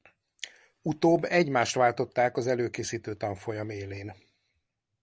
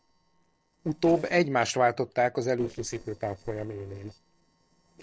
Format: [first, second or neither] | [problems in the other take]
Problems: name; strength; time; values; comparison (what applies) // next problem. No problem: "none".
first | noise reduction (neural separator model SepFormer DNS4)